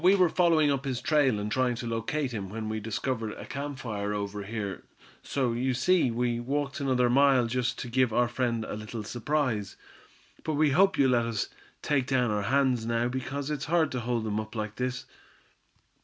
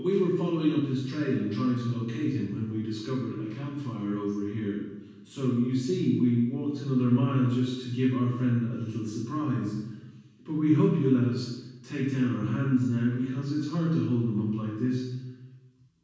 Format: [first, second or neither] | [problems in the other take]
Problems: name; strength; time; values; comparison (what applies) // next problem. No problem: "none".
first | room echo; dies away in 1.2 s